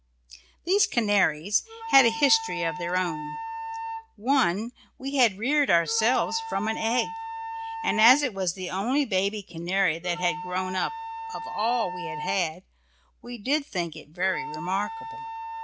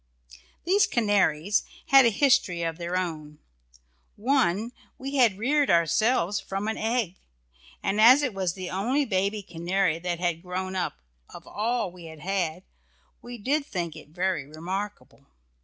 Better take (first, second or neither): second